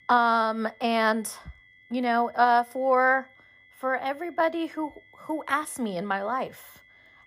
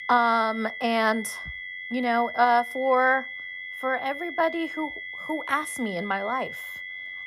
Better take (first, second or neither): first